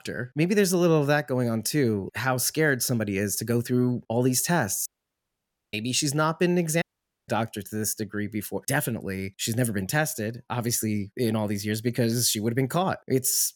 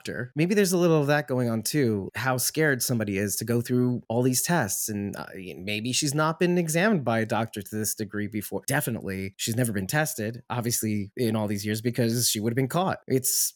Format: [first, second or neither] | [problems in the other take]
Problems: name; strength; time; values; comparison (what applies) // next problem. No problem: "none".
second | audio cutting out; at 5 s for 1 s and at 7 s